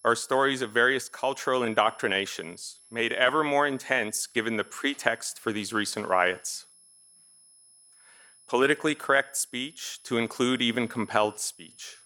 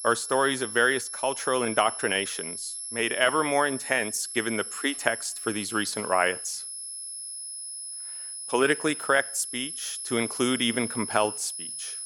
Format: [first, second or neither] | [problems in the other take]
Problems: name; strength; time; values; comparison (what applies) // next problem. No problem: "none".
first | high-pitched whine; loud; throughout; 11 kHz, 7 dB below the speech; faint in the first